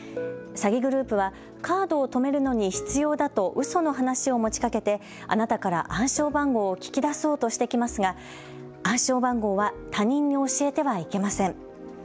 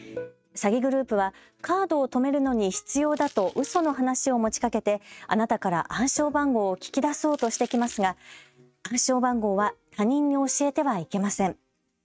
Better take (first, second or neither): first